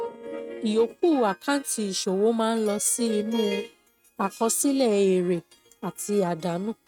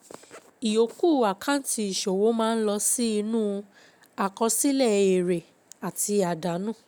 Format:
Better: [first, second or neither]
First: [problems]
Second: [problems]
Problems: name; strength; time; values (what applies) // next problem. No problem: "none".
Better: second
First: noise reduction (neural mask model RNNoise)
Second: none